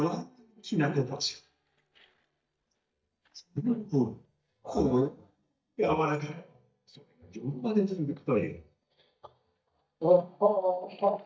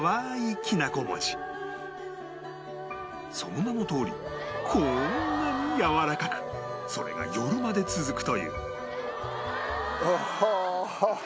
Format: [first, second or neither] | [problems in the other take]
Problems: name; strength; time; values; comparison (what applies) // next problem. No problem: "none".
second | noise reduction (neural mask model DeepFilterNet 3)